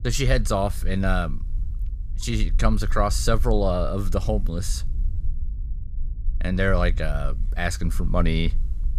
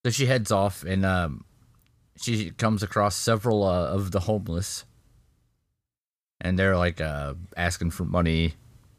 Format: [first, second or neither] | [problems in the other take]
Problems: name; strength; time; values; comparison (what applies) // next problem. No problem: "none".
second | low rumble; faint; throughout; 25 dB below the speech